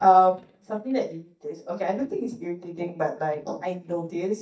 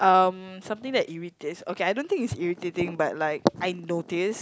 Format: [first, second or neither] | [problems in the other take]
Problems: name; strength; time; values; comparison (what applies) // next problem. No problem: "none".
second | noise reduction (neural mask model DeepFilterNet 3)